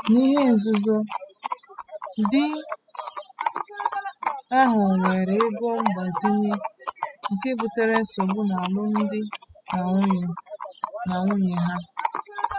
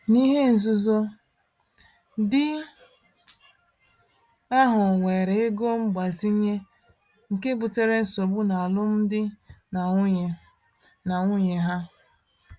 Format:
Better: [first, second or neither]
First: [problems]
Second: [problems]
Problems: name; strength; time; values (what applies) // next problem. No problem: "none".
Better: second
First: noise reduction (classical method spectral subtraction)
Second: none